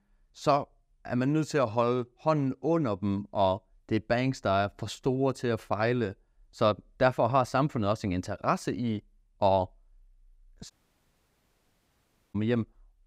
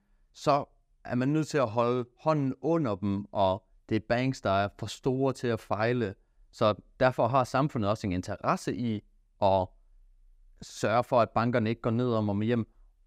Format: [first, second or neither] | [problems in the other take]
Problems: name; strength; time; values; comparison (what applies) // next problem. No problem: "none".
second | audio cutting out; at 11 s for 1.5 s